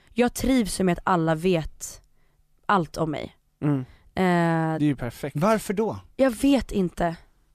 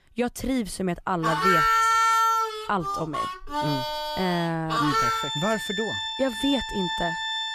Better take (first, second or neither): first